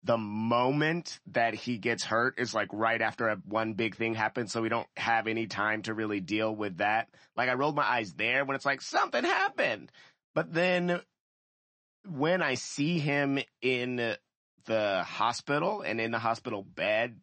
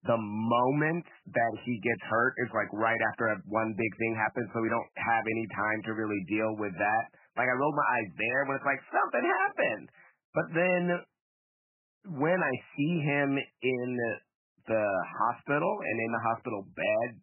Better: first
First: garbled, watery; slightly; nothing above 8 kHz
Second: garbled, watery; badly; nothing above 3 kHz

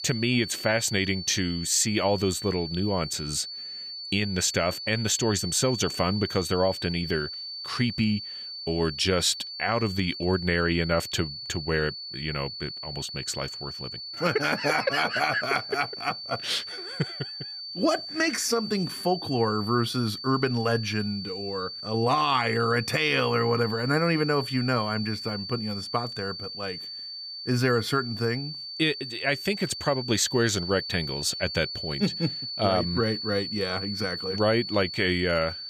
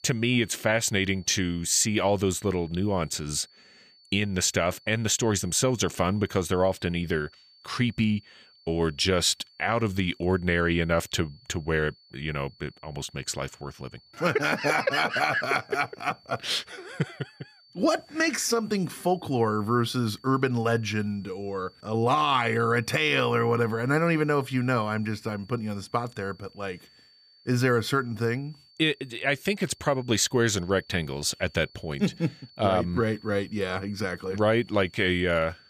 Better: second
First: high-pitched whine; loud; throughout; 4.5 kHz, 7 dB below the speech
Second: high-pitched whine; faint; throughout; 4.5 kHz, 30 dB below the speech

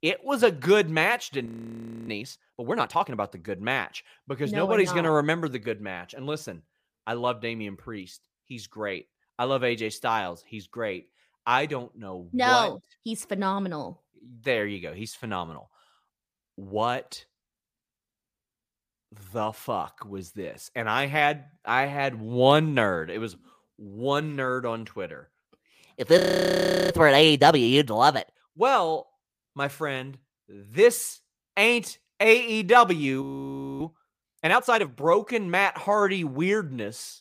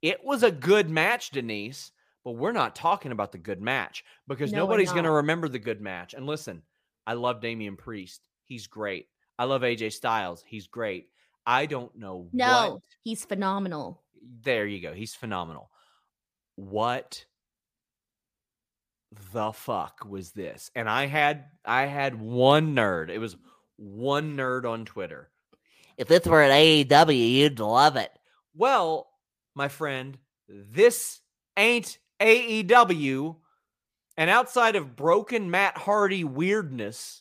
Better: second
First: audio freezing; at 1.5 s for 0.5 s, at 26 s for 0.5 s and at 33 s for 0.5 s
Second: none

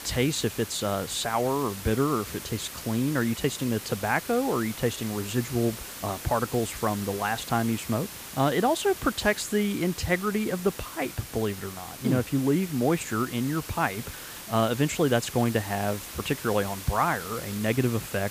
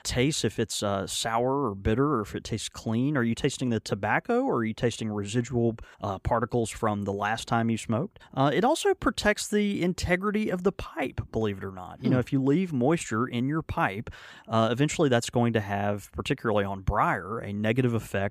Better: second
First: hiss; noticeable; throughout; 10 dB below the speech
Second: none

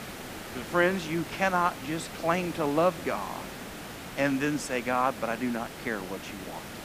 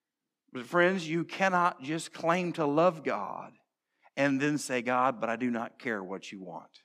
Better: second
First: hiss; noticeable; throughout; 10 dB below the speech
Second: none

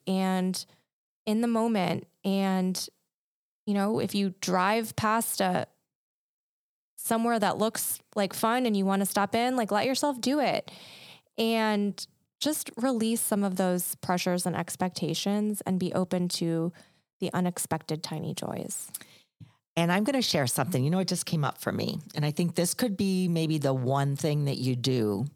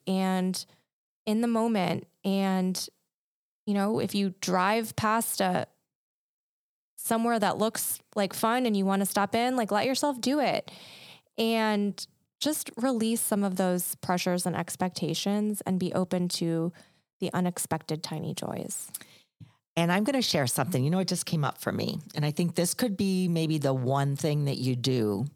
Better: neither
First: none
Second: none

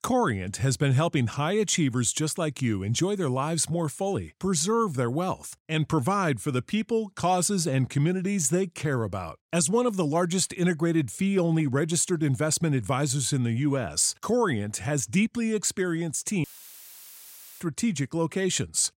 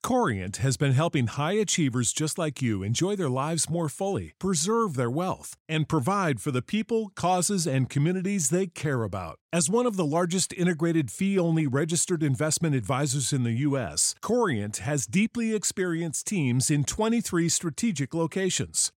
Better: second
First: audio cutting out; filled with static; at 16 s for 1 s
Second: none

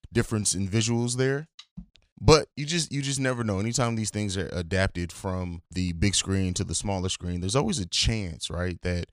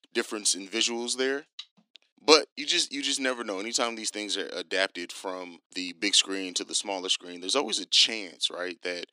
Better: first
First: none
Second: thin; somewhat; fading below 250 Hz

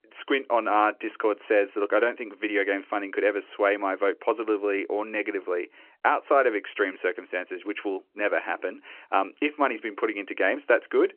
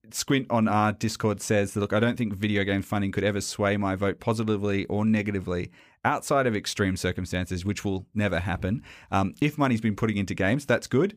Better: second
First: phone-call audio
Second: none

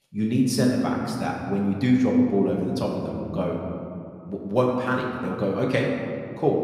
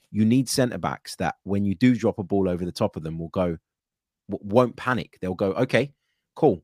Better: second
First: room echo; noticeable; dies away in 2.1 s // off-mic speech; somewhat distant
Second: none

